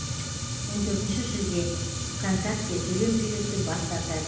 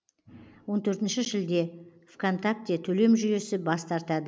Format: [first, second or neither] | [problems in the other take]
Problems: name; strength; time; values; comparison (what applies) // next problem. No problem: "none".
second | background sound (Fire); 1 dB below the speech // room echo; dies away in 0.9 s